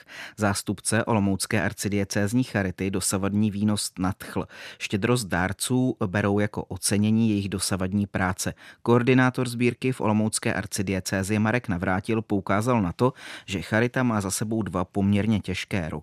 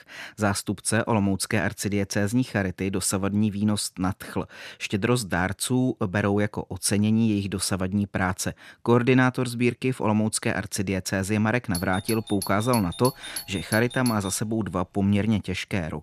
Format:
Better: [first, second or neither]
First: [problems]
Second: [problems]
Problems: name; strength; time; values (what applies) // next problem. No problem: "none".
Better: first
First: none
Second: doorbell; noticeable; from 12 to 14 s; peak 8 dB below the speech